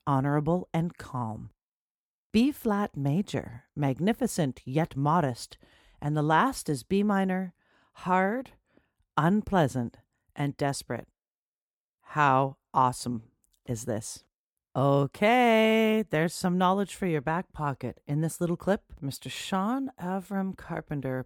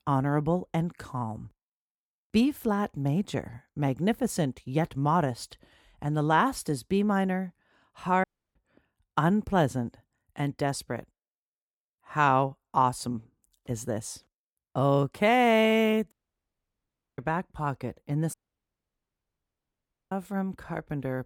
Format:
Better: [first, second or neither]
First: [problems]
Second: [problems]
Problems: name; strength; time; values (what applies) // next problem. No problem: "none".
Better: first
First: none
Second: audio cutting out; at 8 s, at 16 s for 1 s and at 18 s for 2 s